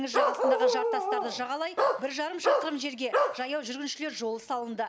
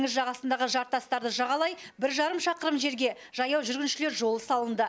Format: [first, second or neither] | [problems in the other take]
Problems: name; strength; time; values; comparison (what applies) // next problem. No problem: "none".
second | background sound (Bark); 5 dB above the speech